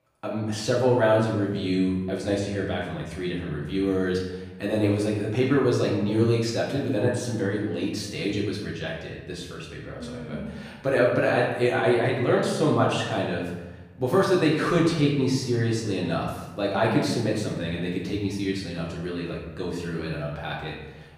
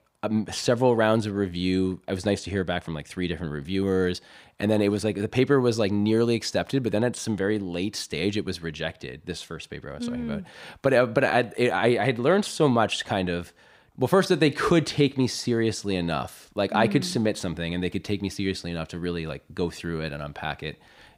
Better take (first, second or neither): second